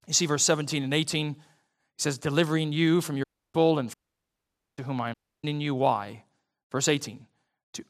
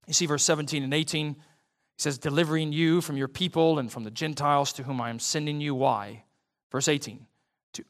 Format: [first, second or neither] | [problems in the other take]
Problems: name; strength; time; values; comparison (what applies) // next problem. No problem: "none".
second | audio cutting out; at 3 s, at 4 s for 1 s and at 5 s